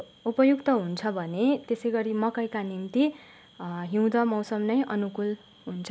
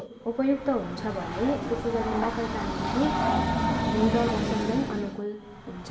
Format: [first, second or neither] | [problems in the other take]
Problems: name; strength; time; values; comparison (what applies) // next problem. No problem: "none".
first | background sound (Train); as loud as the speech // room echo; dies away in 1.9 s